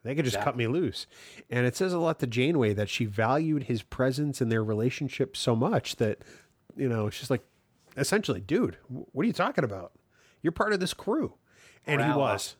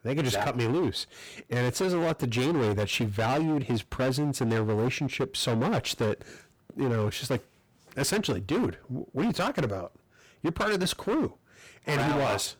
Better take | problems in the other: first | distortion; heavy; 20% of the sound clipped

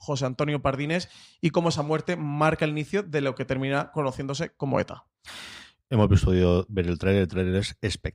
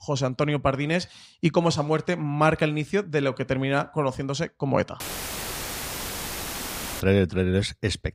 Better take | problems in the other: first | audio cutting out; filled with static; at 5 s for 2 s

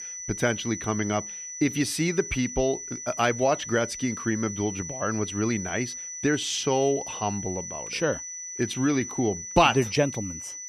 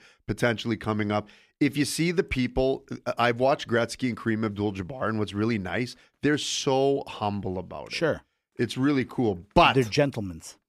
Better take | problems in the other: second | high-pitched whine; loud; throughout; 6 kHz, 8 dB below the speech

